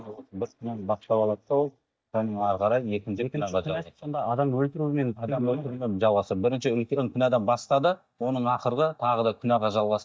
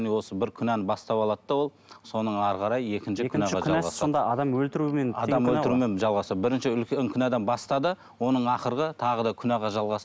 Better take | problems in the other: second | noise reduction (neural mask model DeepFilterNet 3)

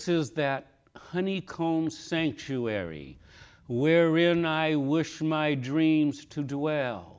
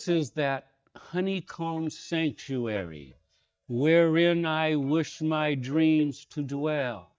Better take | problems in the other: first | noise reduction (neural mask model DeepFilterNet 3)

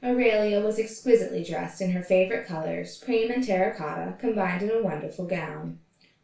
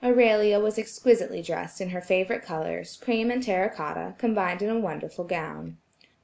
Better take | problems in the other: second | room echo; dies away in 0.3 s

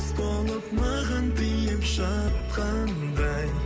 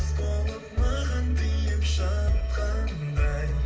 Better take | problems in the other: first | room echo; dies away in 0.4 s

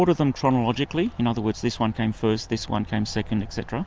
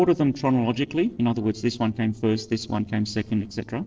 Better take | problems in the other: first | noise reduction (neural separator model SepFormer DNS4)

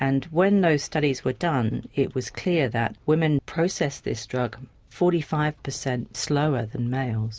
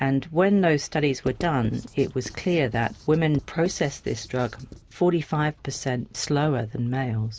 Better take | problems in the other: first | background sound (Writing); 17 dB below the speech

